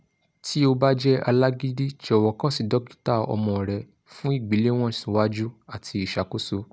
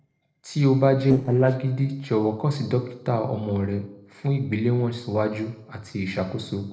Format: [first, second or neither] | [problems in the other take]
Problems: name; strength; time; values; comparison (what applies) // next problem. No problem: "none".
first | noise reduction (neural separator model SepFormer DNS4)